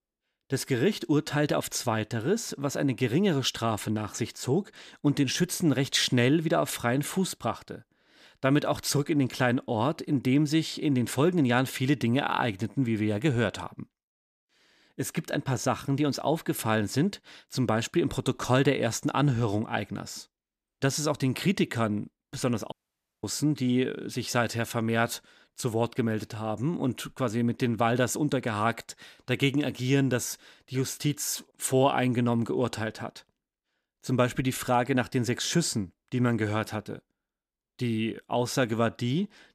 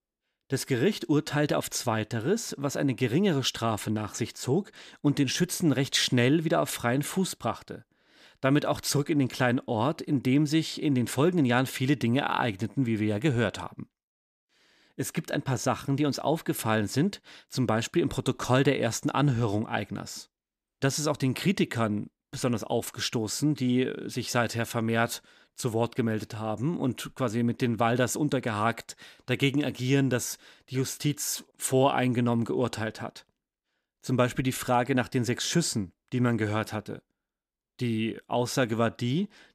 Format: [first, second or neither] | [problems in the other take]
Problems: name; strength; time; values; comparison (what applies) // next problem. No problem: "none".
second | audio cutting out; at 23 s for 0.5 s